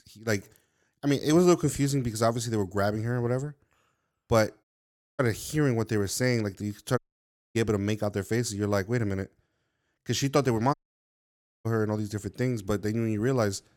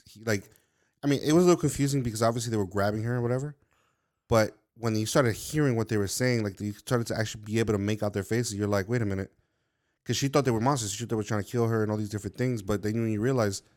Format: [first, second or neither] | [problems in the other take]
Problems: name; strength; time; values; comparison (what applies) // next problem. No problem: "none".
second | audio cutting out; at 4.5 s for 0.5 s, at 7 s for 0.5 s and at 11 s for 1 s